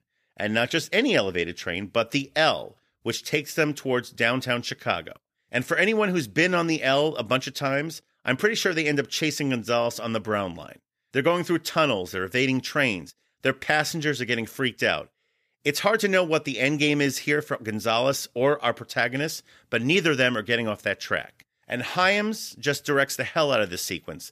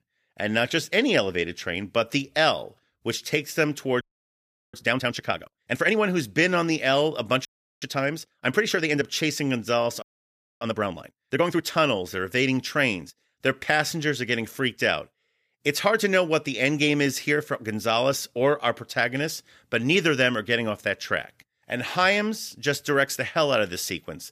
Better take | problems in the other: first | audio freezing; at 4 s for 0.5 s, at 7.5 s and at 10 s for 0.5 s

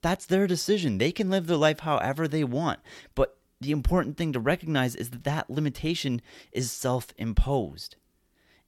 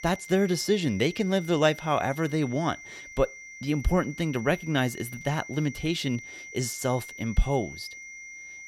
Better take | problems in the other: first | high-pitched whine; noticeable; throughout; 2 kHz, 15 dB below the speech

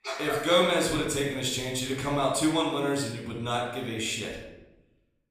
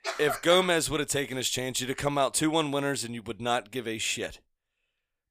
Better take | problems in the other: second | off-mic speech; somewhat distant // room echo; noticeable; dies away in 0.8 s

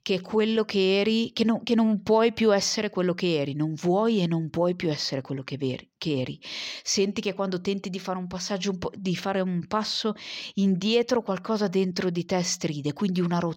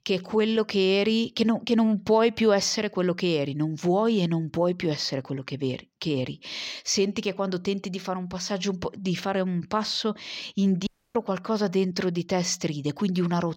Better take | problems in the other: first | audio cutting out; at 11 s

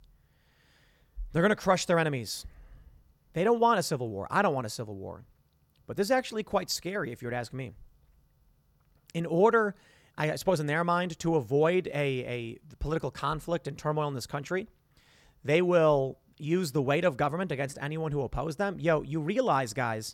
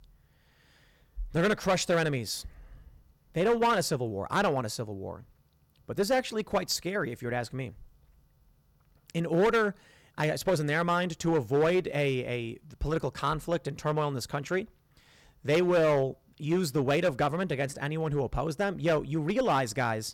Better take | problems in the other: first | distortion; slight; 5% of the sound clipped

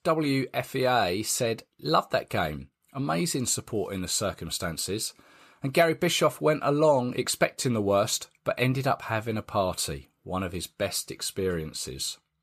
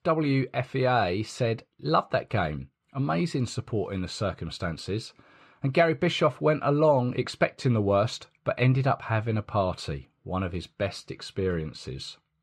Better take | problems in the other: first | muffled; slightly; fading above 3.5 kHz

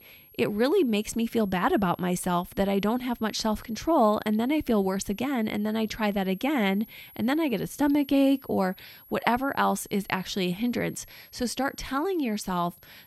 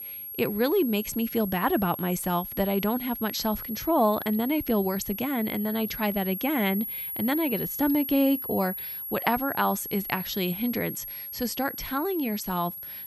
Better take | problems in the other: first | high-pitched whine; loud; throughout; 11.5 kHz, 6 dB below the speech; faint in the first

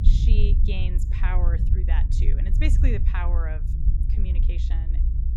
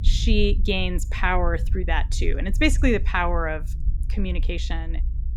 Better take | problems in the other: second | low rumble; loud; throughout; 5 dB below the speech; faint in the second

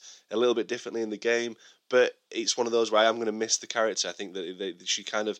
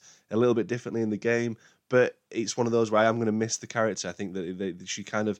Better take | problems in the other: second | thin; somewhat; fading below 400 Hz

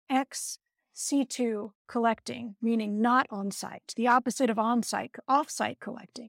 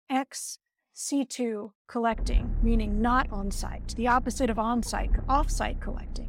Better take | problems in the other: first | low rumble; very faint; from 2 s on; 20 dB below the speech

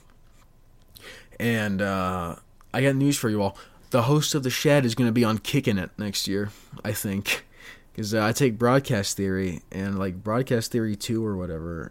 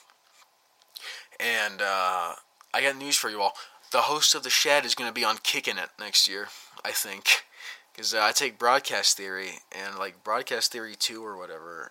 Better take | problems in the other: first | thin; very; fading below 850 Hz

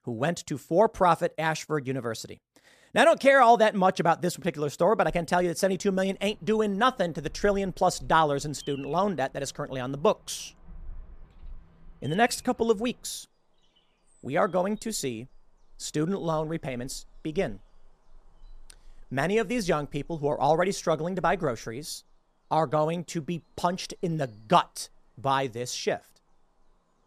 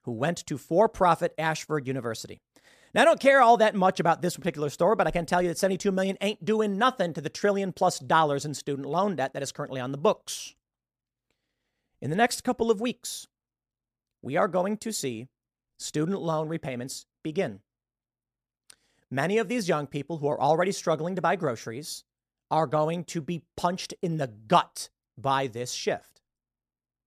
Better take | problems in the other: second | animal sounds; faint; from 6 s on; 25 dB below the speech

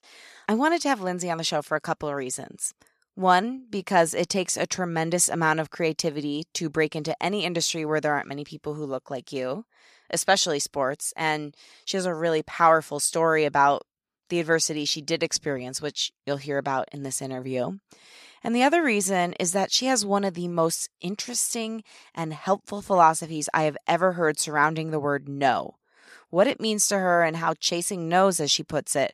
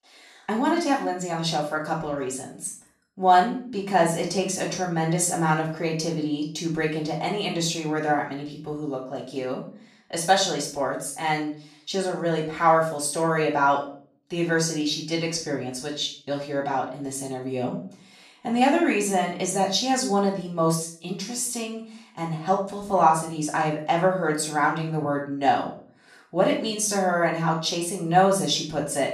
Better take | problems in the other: first | off-mic speech; far // room echo; slight; dies away in 0.4 s

